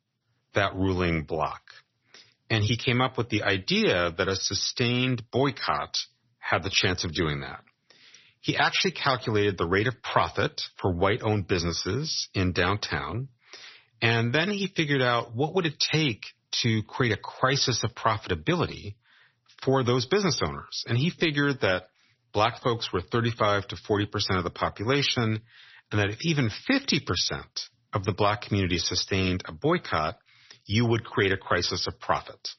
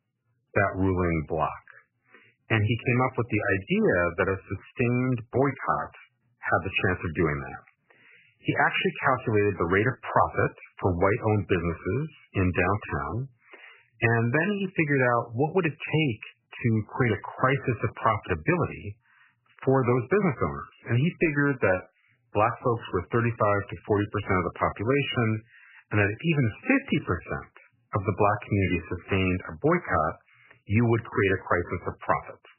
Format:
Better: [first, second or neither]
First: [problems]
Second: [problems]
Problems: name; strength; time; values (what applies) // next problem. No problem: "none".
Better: first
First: garbled, watery; slightly; nothing above 6 kHz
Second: garbled, watery; badly; nothing above 3 kHz